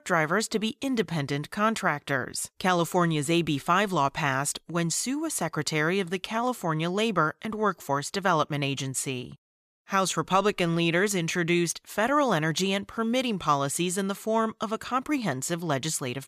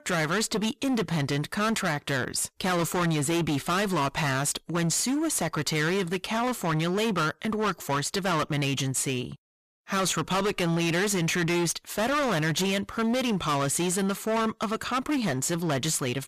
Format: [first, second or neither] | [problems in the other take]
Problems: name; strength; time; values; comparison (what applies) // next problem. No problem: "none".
first | distortion; heavy; 25% of the sound clipped